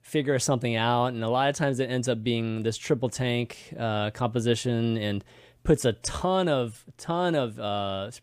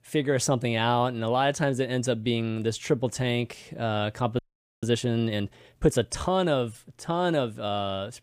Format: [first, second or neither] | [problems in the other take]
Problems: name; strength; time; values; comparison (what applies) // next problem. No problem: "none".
first | audio freezing; at 4.5 s